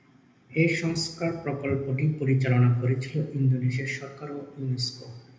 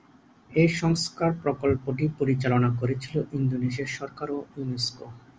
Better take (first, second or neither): second